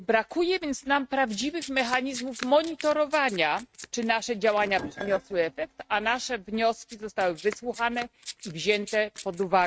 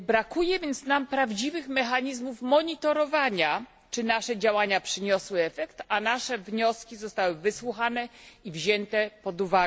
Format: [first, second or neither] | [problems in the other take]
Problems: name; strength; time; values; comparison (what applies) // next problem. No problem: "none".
second | noise reduction (neural mask model RNNoise)